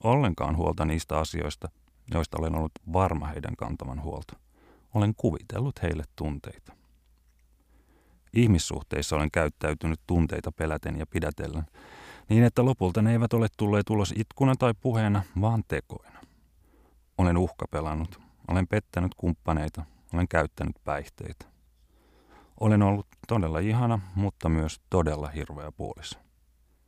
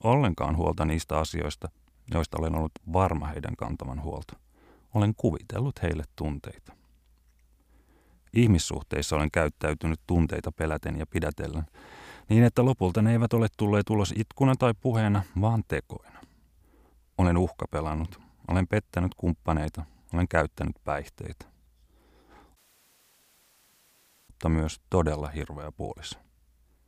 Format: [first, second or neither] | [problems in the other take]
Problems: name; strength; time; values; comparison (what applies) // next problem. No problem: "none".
first | audio cutting out; at 23 s for 1.5 s